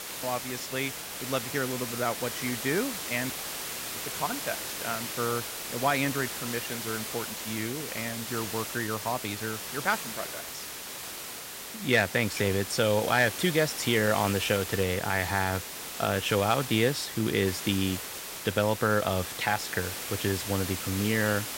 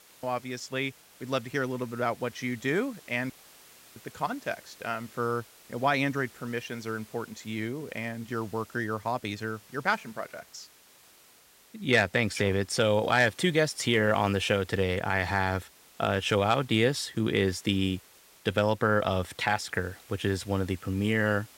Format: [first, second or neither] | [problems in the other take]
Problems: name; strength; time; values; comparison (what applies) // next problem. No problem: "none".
second | hiss; loud; throughout; 5 dB below the speech; faint in the second